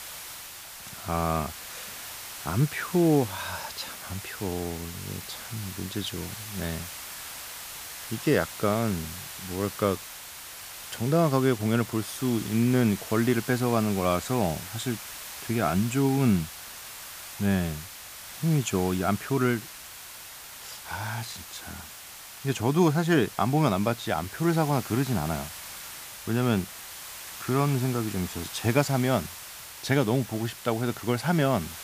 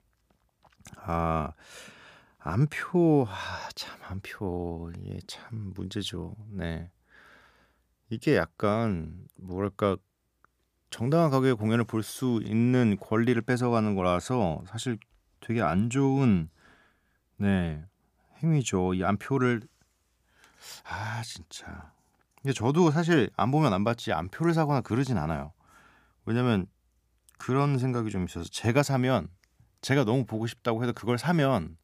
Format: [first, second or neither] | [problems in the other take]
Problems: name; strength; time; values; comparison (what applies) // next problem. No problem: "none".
second | hiss; noticeable; throughout; 10 dB below the speech